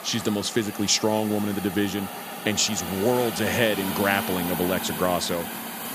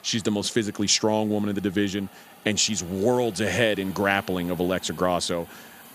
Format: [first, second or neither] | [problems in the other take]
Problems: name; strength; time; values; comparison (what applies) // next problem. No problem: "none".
second | hiss; loud; throughout; 7 dB below the speech; faint in the second